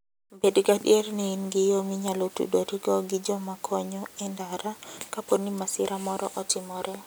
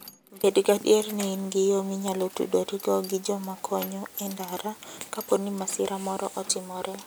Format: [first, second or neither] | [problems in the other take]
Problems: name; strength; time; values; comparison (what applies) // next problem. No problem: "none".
first | background sound (Keys jangling); 19 dB below the speech